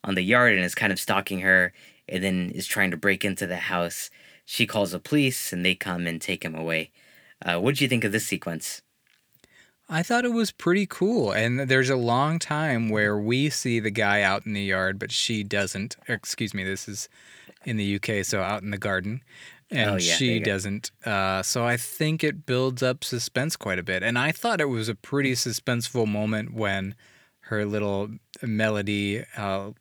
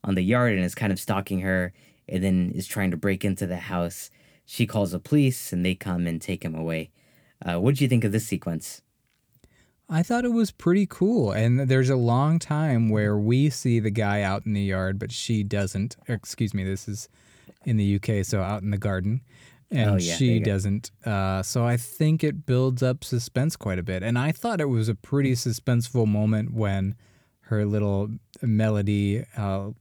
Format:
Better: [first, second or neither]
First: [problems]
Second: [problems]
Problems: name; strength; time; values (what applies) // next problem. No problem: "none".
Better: second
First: thin; somewhat; fading below 750 Hz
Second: none